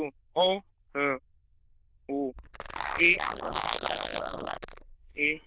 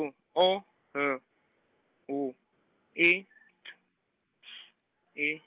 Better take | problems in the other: second | noise reduction (neural diffusion model UNIVERSE++)

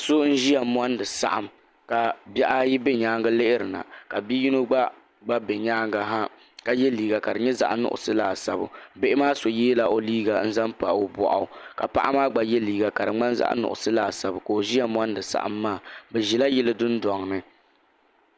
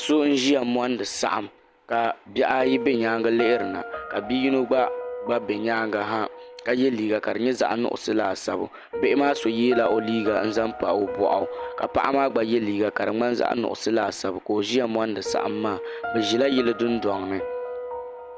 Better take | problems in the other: first | background sound (Piano); 11 dB below the speech

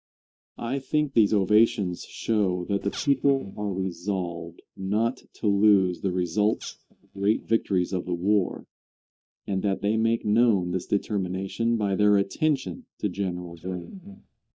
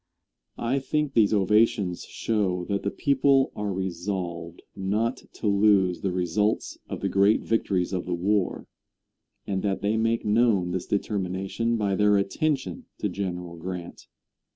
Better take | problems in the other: second | noise reduction (neural mask model DeepFilterNet 3)

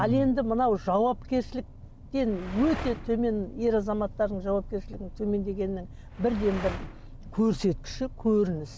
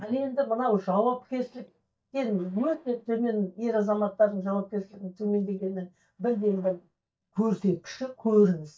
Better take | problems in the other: first | noise reduction (neural mask model DeepFilterNet 3)

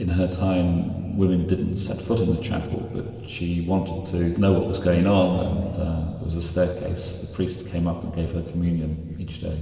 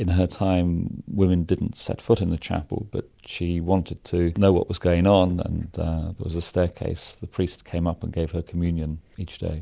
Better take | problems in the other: second | room echo; dies away in 2.3 s

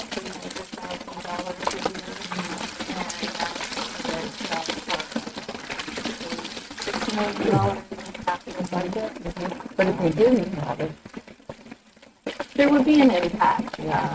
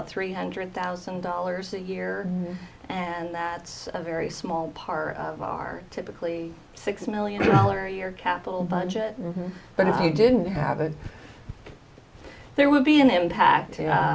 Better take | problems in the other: second | noise reduction (neural mask model RNNoise)

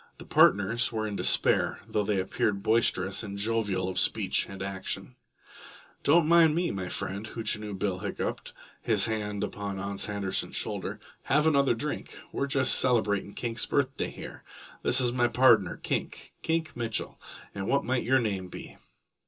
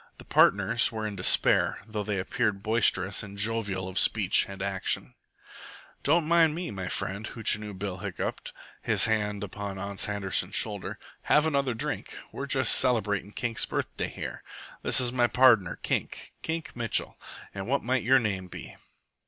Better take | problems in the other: second | room echo; dies away in 0.2 s

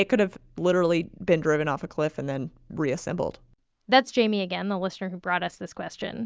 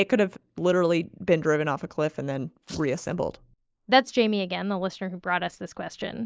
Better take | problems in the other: first | noise reduction (neural mask model Resemble Enhance denoiser)

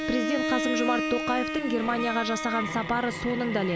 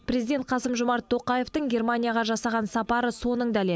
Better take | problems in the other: second | background sound (Bowed string instrument); 2 dB below the speech

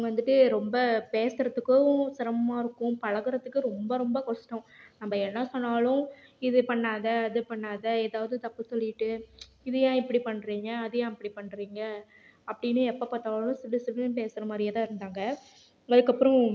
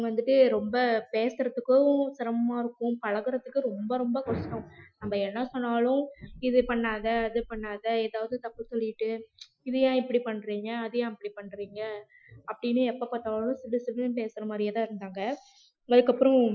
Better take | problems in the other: first | noise reduction (classical method Wiener filter)

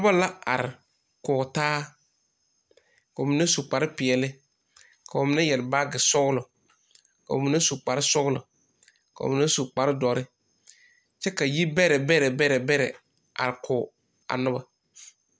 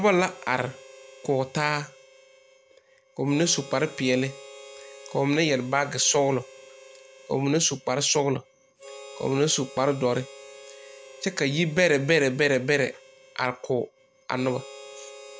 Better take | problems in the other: first | background sound (Harmonica); 19 dB below the speech

